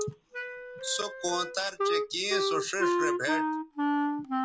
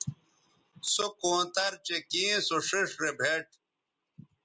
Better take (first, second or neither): second